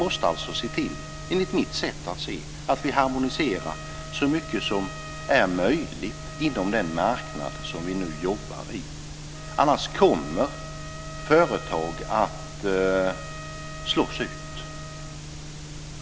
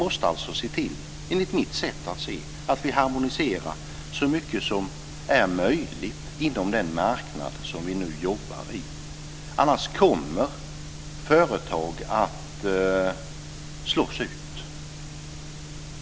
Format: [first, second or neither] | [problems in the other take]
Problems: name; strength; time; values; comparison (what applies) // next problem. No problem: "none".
second | background sound (Trumpet); 17 dB below the speech